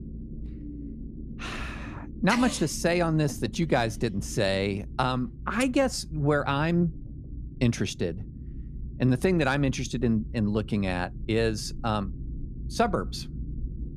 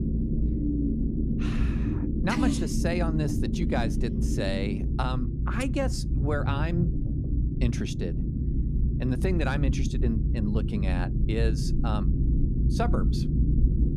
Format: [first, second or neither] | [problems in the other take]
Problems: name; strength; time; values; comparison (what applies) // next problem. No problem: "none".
first | low rumble; loud; throughout; 4 dB below the speech; faint in the first